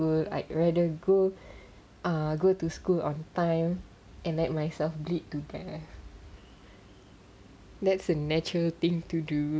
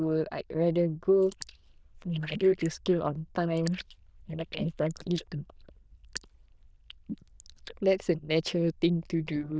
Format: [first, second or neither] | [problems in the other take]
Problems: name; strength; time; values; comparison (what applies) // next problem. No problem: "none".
first | noise reduction (neural diffusion model UNIVERSE++)